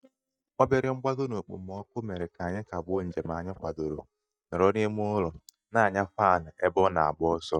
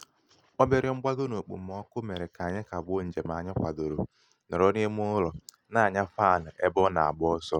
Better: second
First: noise reduction (neural mask model DeepFilterNet 3)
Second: none

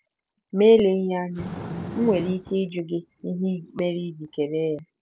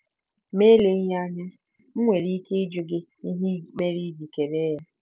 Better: second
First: background sound (Fire); 14 dB below the speech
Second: none

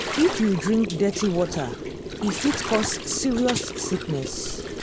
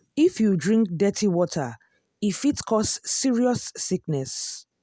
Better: second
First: background sound (Gurgling); 6 dB below the speech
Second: none

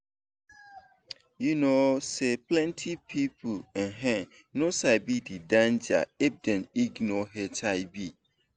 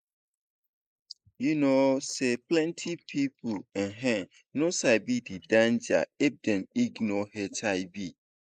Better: first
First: none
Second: noise reduction (neural mask model Resemble Enhance denoiser)

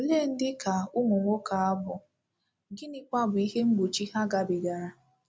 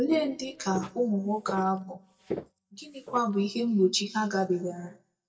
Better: first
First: none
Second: noise reduction (neural mask model DeepFilterNet 3)

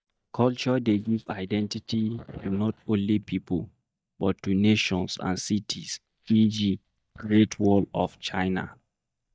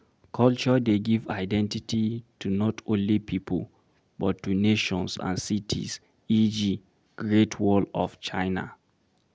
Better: second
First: noise reduction (neural mask model DeepFilterNet 3)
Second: none

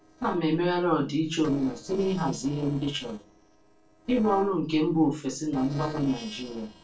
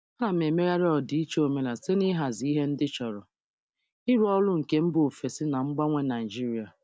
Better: second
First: noise reduction (neural separator model SepFormer DNS4)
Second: none

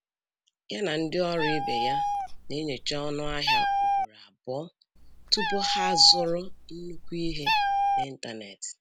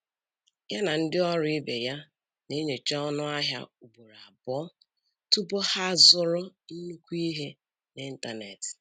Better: second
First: background sound (Meow); 1 dB above the speech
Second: none

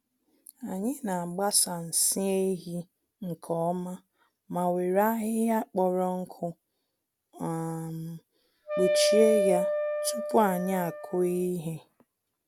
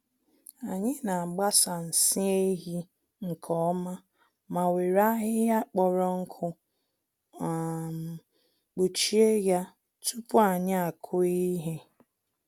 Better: second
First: background sound (Wind instrument, woodwind instrument); 1 dB above the speech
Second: none

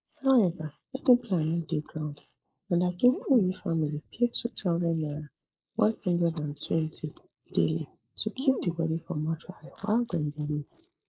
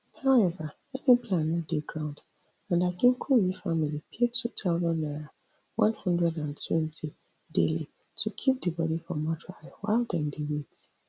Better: second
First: noise reduction (neural mask model Resemble Enhance denoiser)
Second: none

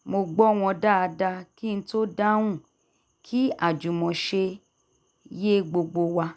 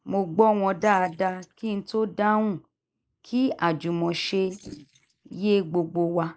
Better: first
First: none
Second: noise reduction (neural mask model Resemble Enhance denoiser)

